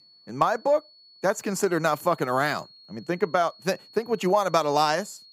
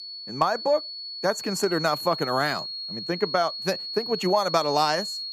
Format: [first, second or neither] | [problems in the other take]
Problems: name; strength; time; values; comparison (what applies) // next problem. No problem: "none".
first | high-pitched whine; loud; throughout; 4.5 kHz, 6 dB below the speech; faint in the first